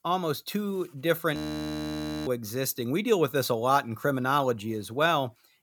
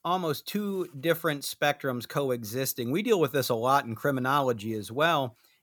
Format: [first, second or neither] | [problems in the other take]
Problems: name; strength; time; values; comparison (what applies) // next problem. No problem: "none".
second | audio freezing; at 1.5 s for 1 s